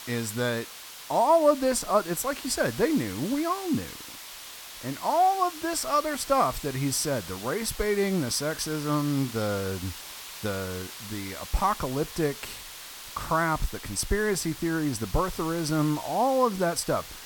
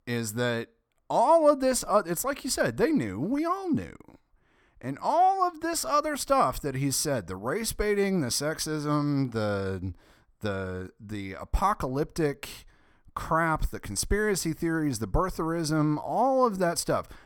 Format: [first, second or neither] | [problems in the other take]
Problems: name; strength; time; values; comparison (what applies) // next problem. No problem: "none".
second | hiss; noticeable; throughout; 10 dB below the speech